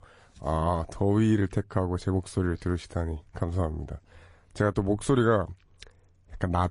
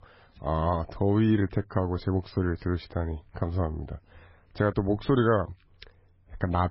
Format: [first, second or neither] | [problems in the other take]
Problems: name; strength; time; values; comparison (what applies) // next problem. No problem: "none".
first | garbled, watery; badly; nothing above 5.5 kHz; slightly in the first